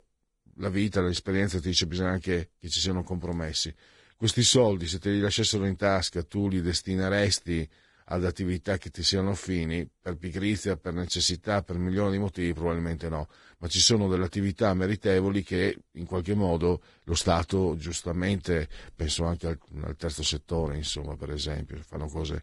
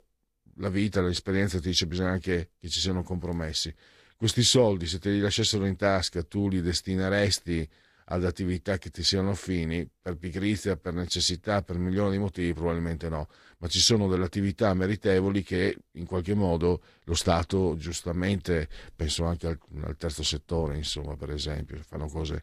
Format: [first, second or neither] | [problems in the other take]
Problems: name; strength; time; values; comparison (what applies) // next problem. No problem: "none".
second | garbled, watery; badly; nothing above 10.5 kHz; slightly in the second